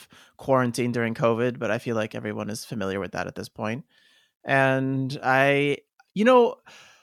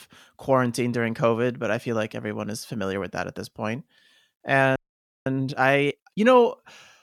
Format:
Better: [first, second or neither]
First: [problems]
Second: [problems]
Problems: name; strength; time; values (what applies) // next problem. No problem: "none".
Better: first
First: none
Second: audio freezing; at 5 s for 0.5 s